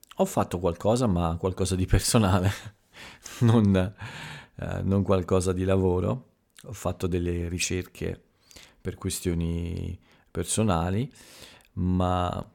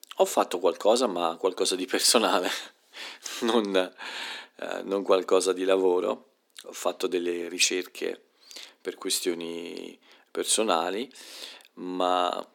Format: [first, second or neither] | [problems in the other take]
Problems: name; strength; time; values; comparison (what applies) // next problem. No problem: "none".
first | thin; somewhat; fading below 300 Hz